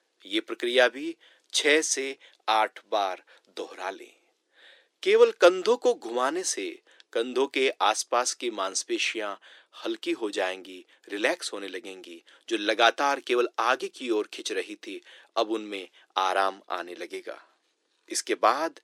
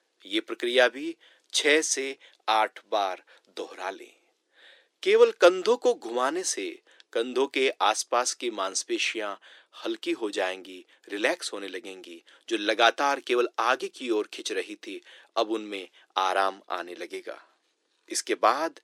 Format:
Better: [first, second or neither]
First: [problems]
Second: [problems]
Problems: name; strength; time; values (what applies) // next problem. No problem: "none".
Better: neither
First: thin; very; fading below 300 Hz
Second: thin; very; fading below 300 Hz